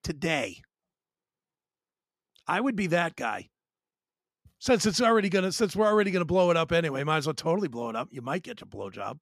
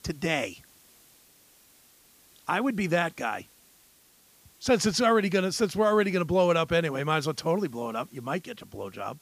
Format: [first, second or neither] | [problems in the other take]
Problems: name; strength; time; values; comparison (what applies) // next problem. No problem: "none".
first | hiss; faint; throughout; 30 dB below the speech